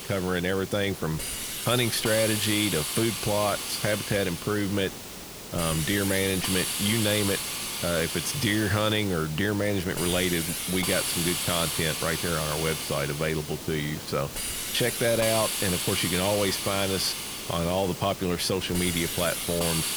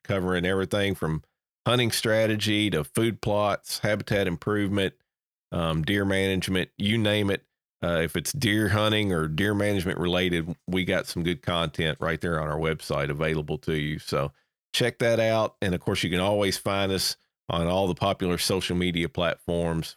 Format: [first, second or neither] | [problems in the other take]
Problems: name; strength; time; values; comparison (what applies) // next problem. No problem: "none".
second | hiss; loud; throughout; 3 dB below the speech